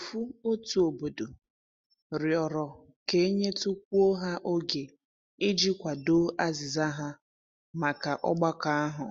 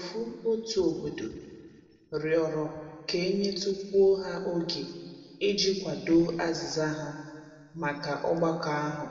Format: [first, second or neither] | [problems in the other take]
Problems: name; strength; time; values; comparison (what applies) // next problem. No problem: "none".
first | room echo; dies away in 1.9 s